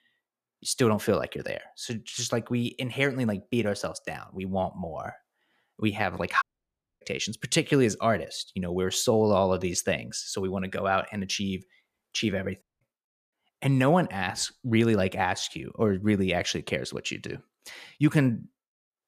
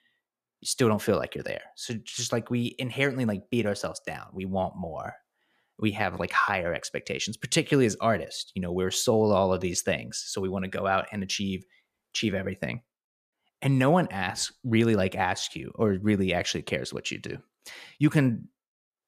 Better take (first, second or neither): second